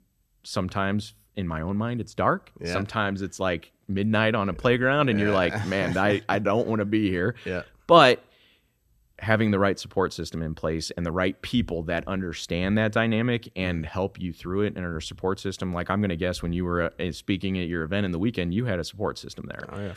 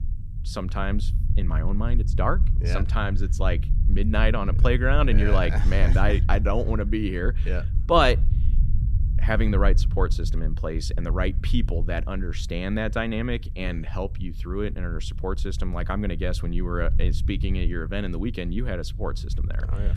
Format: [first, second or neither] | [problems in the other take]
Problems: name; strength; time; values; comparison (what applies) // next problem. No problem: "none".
first | low rumble; noticeable; throughout; 15 dB below the speech